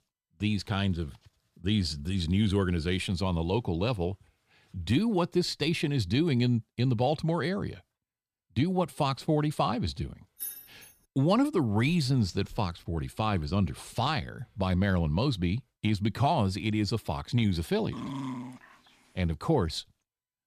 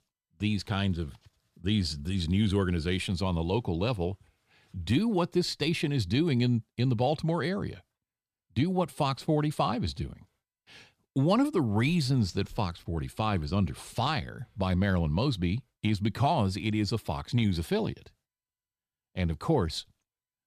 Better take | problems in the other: second | jangling keys; noticeable; at 10 s; peak 8 dB below the speech // dog barking; noticeable; at 18 s; peak 7 dB below the speech

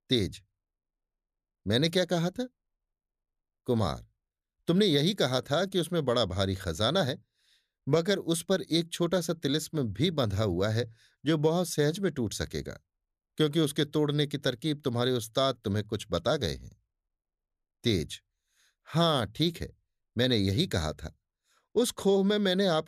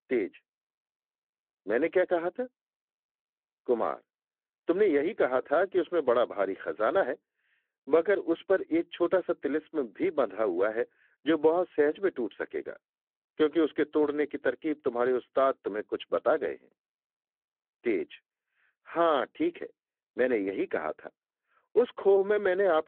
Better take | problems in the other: first | phone-call audio

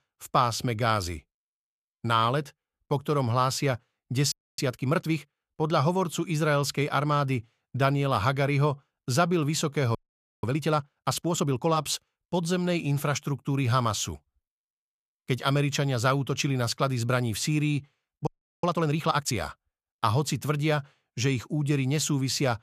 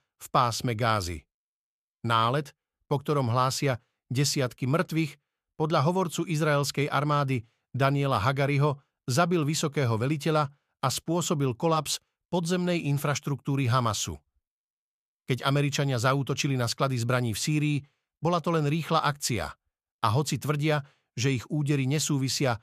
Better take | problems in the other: second | audio freezing; at 4.5 s, at 10 s and at 18 s

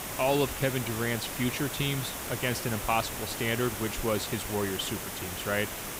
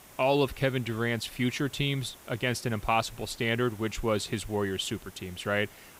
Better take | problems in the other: second | hiss; loud; throughout; 4 dB below the speech; faint in the second

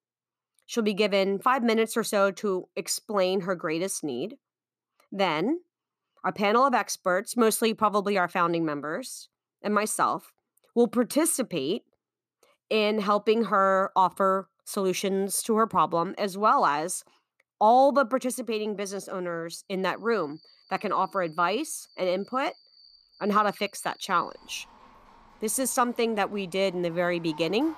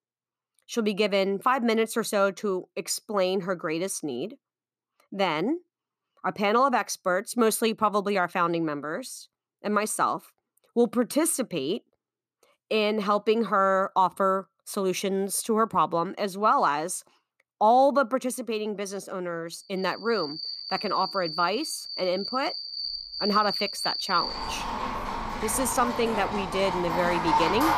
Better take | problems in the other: first | animal sounds; loud; from 20 s on; 4 dB below the speech; faint in the first

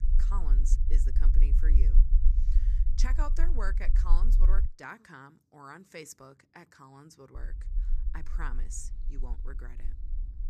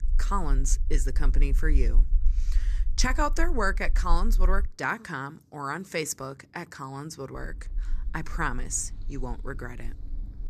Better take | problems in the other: second | low rumble; loud; until 4.5 s and from 7.5 s on; 9 dB below the speech; faint in the second

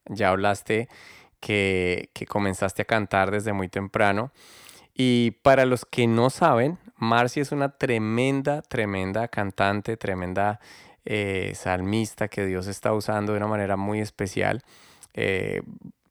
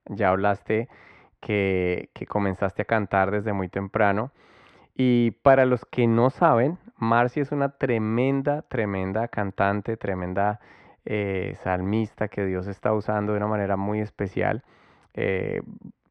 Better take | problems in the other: first | muffled; very; fading above 2 kHz

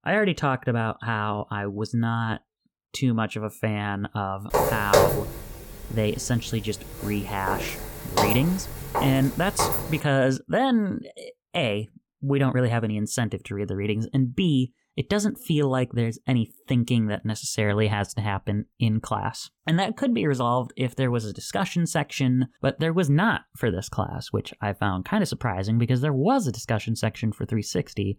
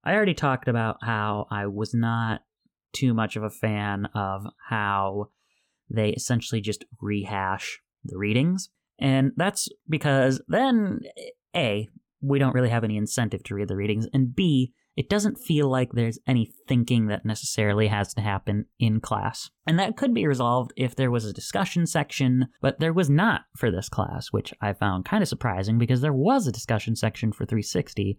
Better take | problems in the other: second | footsteps; loud; from 4.5 to 10 s; peak 6 dB above the speech

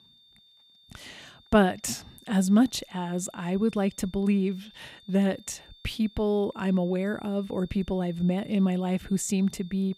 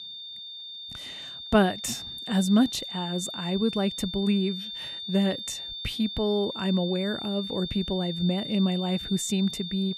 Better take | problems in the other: first | high-pitched whine; loud; throughout; 3.5 kHz, 7 dB below the speech; faint in the first

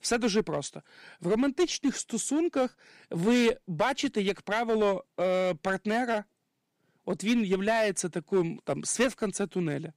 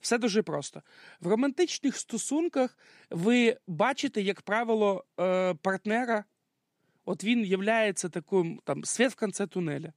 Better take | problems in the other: second | distortion; slight; 4% of the sound clipped

